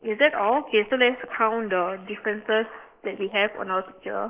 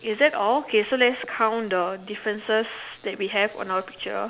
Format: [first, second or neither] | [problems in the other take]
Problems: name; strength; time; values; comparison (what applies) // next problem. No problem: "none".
second | noise reduction (neural mask model Resemble Enhance denoiser)